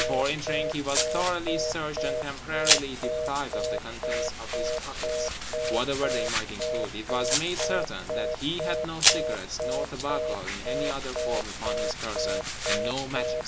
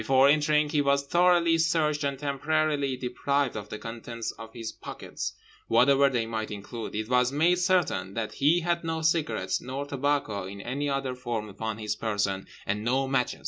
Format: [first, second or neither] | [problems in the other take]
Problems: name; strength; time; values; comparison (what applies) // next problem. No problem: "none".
second | background sound (Domestic sounds, home sounds + Telephone); 4 dB above the speech